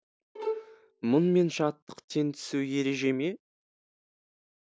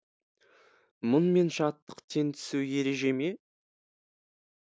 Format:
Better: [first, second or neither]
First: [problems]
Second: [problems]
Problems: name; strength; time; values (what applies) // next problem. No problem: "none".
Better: second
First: background sound (Bowed string instrument); 8 dB below the speech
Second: none